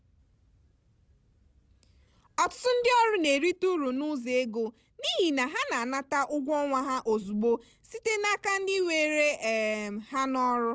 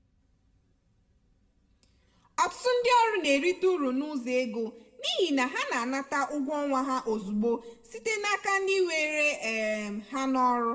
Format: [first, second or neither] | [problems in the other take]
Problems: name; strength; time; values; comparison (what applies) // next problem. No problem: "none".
first | room echo; dies away in 1.1 s